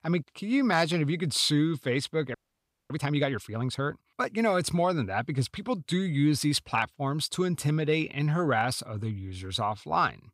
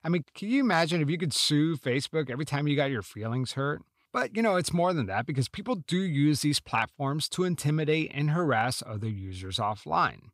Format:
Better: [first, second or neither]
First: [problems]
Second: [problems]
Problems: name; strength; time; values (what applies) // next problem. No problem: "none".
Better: second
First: audio freezing; at 2.5 s for 0.5 s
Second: none